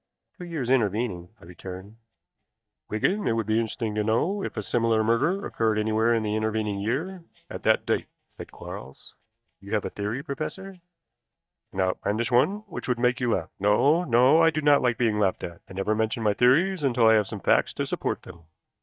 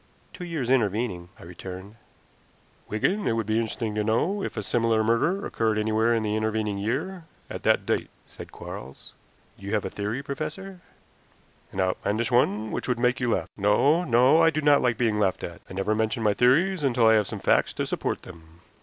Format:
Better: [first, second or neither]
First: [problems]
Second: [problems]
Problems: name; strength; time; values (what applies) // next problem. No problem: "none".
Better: second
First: noise reduction (neural mask model DeepFilterNet 3)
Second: none